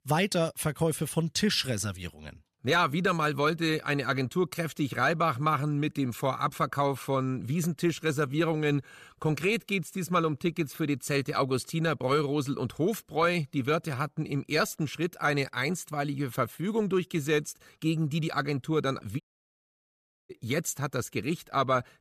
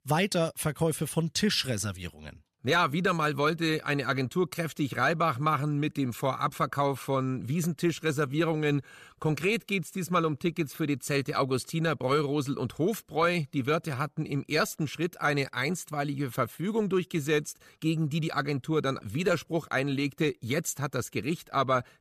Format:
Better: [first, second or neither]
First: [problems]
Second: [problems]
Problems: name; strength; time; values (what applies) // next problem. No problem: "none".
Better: second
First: audio cutting out; at 19 s for 1 s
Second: none